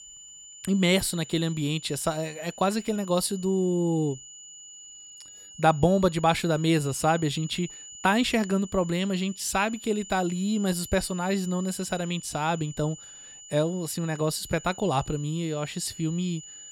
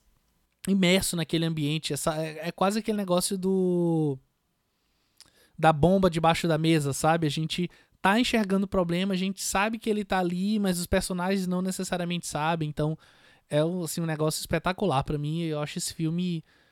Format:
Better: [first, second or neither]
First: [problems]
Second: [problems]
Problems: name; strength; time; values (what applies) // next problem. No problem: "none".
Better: second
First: high-pitched whine; noticeable; throughout; 7 kHz, 15 dB below the speech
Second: none